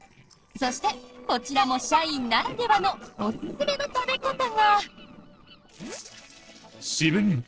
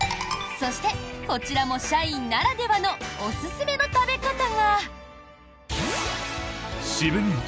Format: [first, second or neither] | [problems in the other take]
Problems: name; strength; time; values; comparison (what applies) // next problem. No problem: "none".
second | noise reduction (neural separator model SepFormer DNS4)